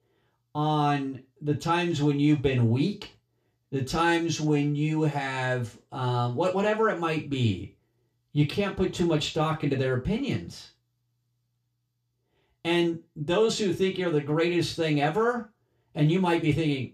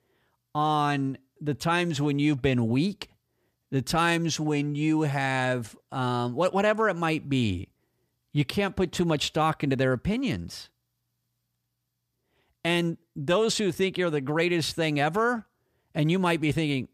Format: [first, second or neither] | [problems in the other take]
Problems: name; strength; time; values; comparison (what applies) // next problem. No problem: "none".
second | room echo; very slight; dies away in 0.3 s // off-mic speech; somewhat distant